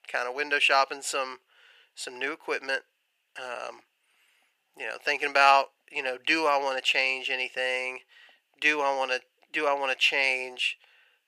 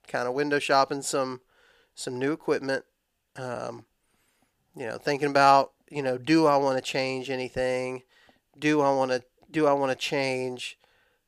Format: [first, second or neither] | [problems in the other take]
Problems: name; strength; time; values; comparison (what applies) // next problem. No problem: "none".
second | thin; somewhat; fading below 550 Hz